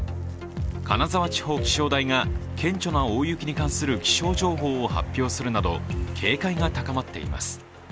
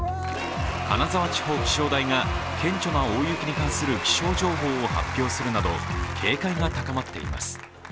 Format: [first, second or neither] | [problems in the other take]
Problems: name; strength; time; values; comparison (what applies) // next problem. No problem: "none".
first | background sound (Applause / Crowd / Cheering); 6 dB below the speech